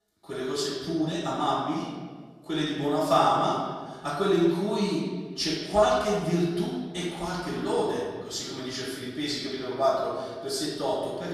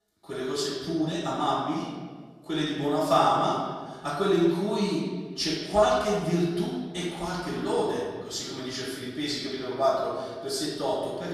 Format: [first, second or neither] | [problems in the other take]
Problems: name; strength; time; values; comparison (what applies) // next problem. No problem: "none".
neither | off-mic speech; far; the same in both // room echo; noticeable; dies away in 1.4 s; the same in both